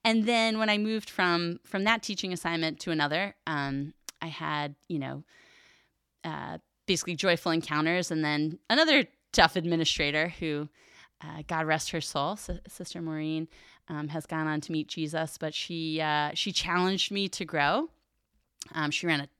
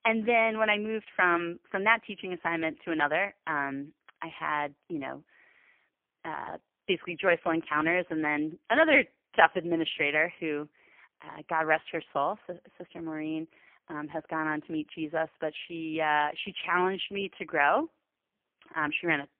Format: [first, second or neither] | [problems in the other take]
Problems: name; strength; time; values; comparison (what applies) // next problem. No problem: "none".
first | phone-call audio; poor line; nothing above 3.5 kHz